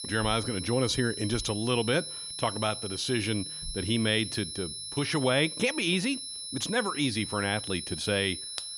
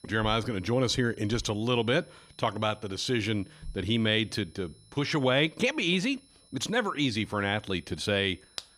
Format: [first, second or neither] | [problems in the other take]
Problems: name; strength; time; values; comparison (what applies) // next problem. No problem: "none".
second | high-pitched whine; loud; throughout; 4 kHz, 6 dB below the speech; faint in the second